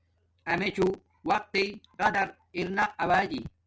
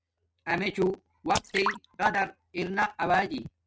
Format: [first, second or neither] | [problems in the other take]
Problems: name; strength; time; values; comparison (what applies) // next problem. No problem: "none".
first | noise reduction (neural mask model RNNoise)